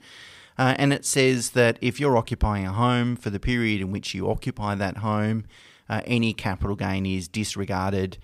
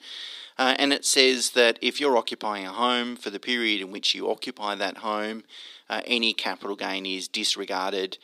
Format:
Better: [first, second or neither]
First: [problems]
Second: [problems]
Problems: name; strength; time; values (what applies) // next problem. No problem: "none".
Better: first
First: none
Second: thin; somewhat; fading below 250 Hz